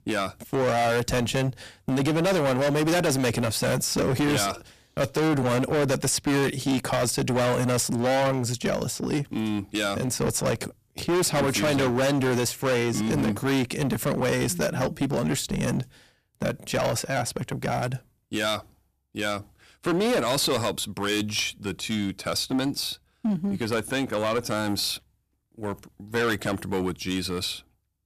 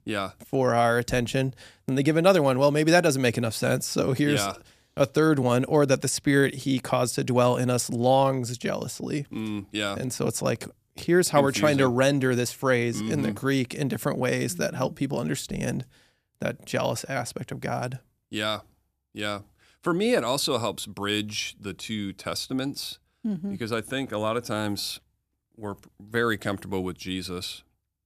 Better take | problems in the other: second | distortion; heavy; 17% of the sound clipped

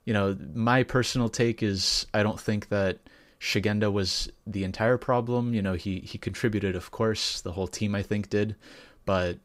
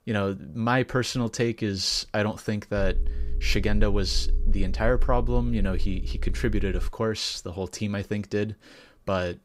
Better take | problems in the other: first | low rumble; faint; from 3 to 7 s; 20 dB below the speech

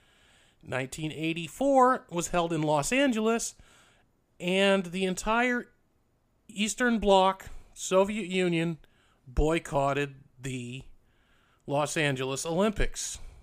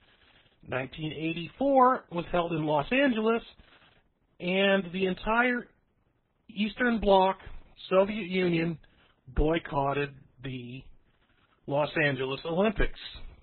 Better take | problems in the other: first | garbled, watery; badly; nothing above 4 kHz

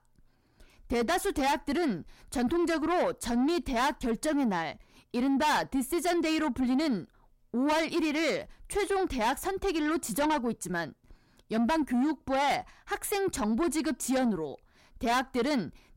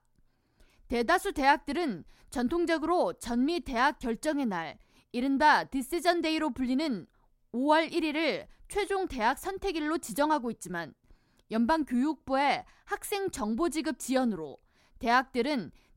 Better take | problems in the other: second | distortion; heavy; 7 dB below the speech

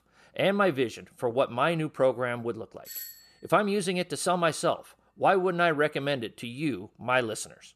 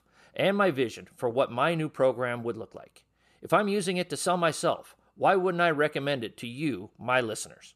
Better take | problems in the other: second | doorbell; faint; at 3 s; peak 10 dB below the speech

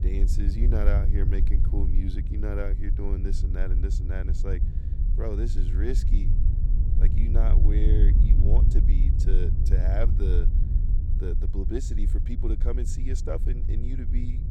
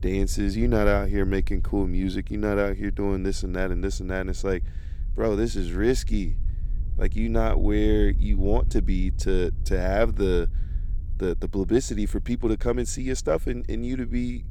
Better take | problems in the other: second | low rumble; loud; throughout; 5 dB below the speech; faint in the second

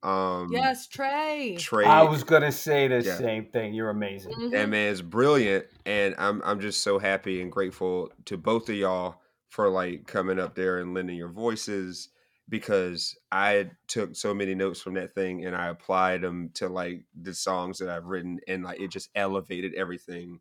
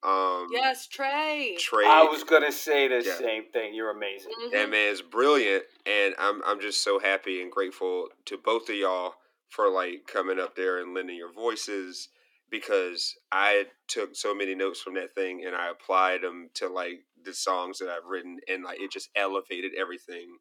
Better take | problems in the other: first | thin; somewhat; fading below 300 Hz

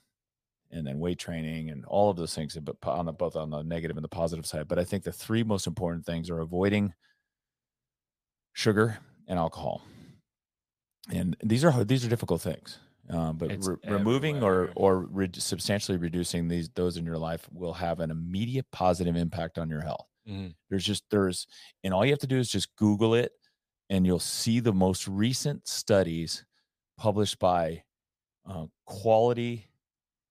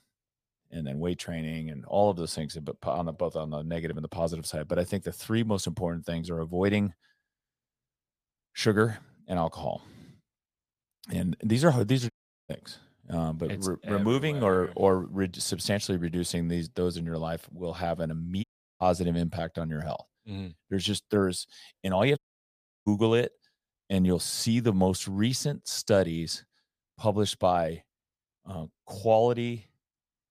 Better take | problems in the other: first | audio cutting out; at 12 s, at 18 s and at 22 s for 0.5 s

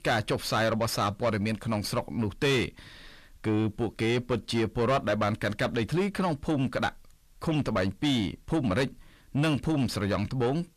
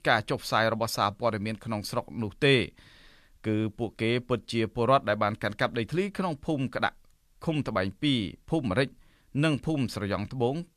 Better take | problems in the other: second | distortion; heavy; 7 dB below the speech

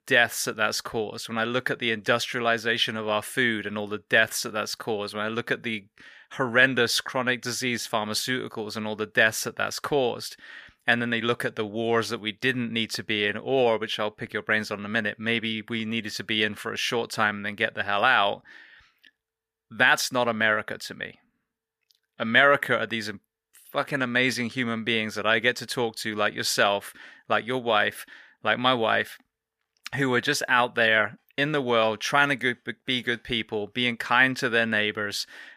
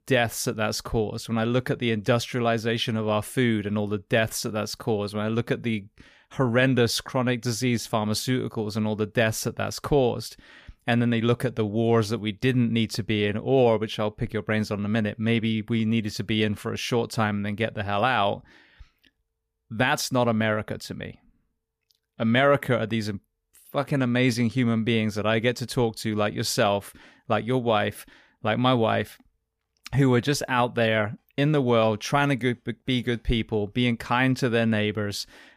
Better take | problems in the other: second | thin; somewhat; fading below 450 Hz

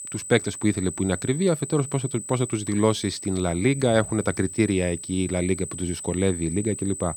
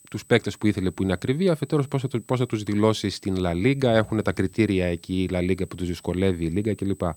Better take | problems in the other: second | high-pitched whine; loud; throughout; 8 kHz, 9 dB below the speech; faint in the second

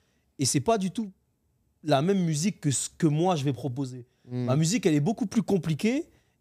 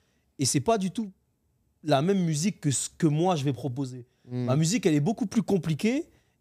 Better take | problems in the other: neither | none

